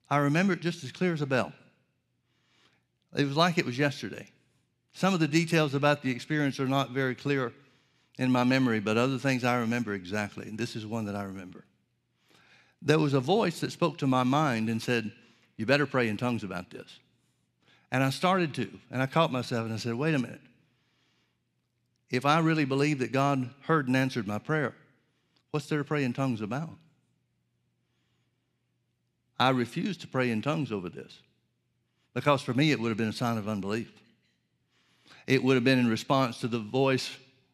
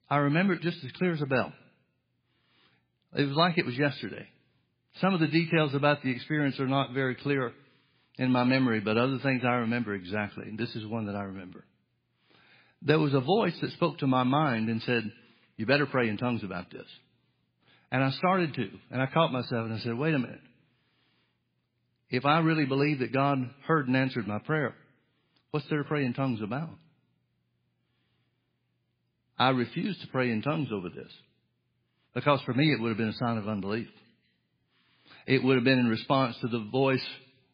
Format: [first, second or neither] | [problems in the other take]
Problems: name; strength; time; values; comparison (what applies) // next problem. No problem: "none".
first | garbled, watery; badly; nothing above 4.5 kHz